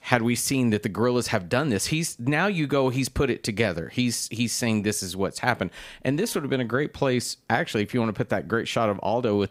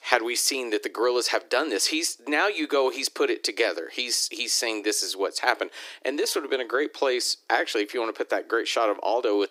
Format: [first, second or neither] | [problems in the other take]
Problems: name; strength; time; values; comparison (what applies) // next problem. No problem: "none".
first | thin; very; fading below 300 Hz